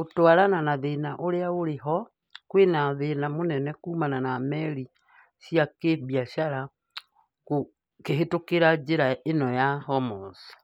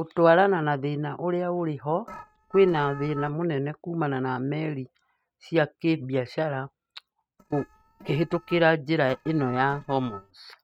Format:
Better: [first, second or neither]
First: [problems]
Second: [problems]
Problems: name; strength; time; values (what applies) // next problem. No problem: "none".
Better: first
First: none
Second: noise reduction (neural mask model RNNoise)